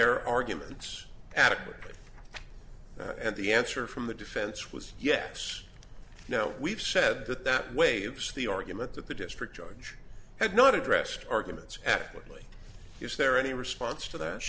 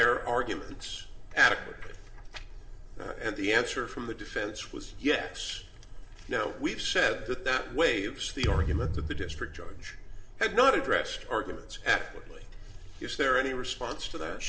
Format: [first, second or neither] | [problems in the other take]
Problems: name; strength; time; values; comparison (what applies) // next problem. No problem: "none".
first | background sound (Thump, thud); 3 dB below the speech // room echo; dies away in 0.7 s